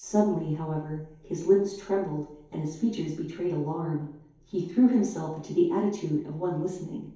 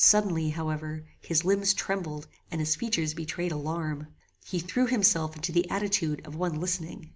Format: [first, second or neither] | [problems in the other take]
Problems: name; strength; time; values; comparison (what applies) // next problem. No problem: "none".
second | room echo; dies away in 2.4 s